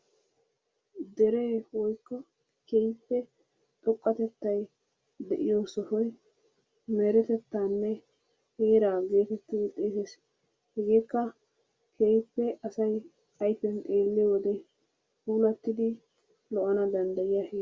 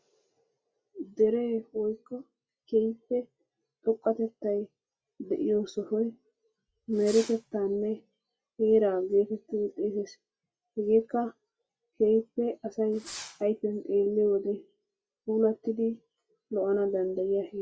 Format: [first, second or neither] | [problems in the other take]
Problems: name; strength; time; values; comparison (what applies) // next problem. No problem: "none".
first | noise reduction (classical method log-MMSE)